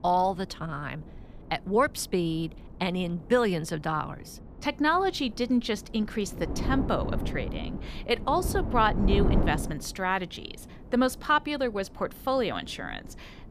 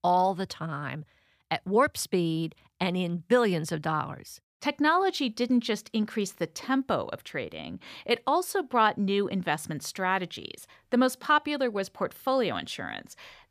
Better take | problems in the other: second | wind noise on the microphone; occasional gusts; 10 dB below the speech

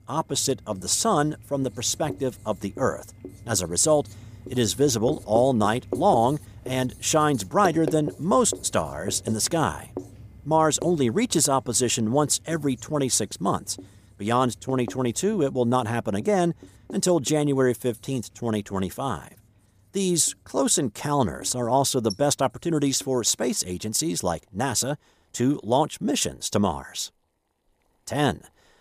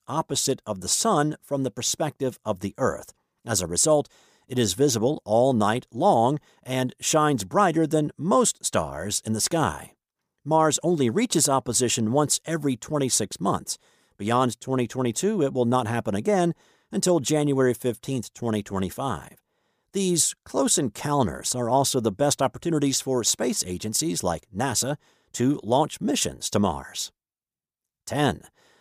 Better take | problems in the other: second | household noises; noticeable; throughout; 15 dB below the speech

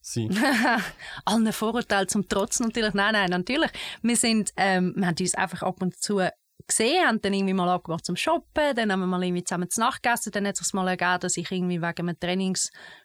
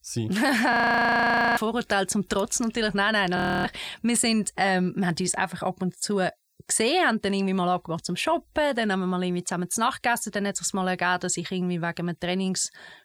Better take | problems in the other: first | audio freezing; at 0.5 s for 1 s and at 3.5 s

